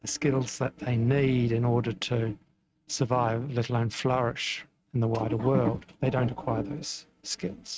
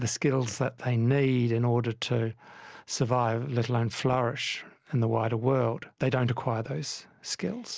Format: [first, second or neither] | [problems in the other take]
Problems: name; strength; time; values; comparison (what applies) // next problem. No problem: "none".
second | noise reduction (neural mask model RNNoise)